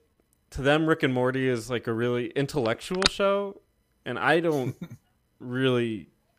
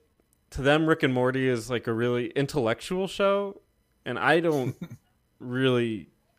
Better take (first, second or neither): second